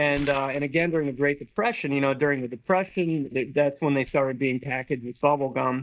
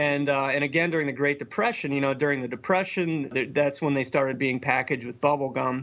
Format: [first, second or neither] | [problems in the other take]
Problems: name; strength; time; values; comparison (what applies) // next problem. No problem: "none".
second | noise reduction (neural mask model DeepFilterNet 3)